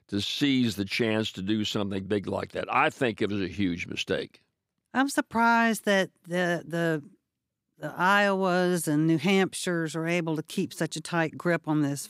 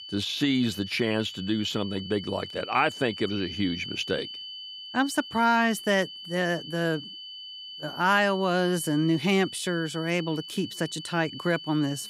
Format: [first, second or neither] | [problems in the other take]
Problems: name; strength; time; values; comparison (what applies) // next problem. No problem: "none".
first | high-pitched whine; noticeable; throughout; 3 kHz, 10 dB below the speech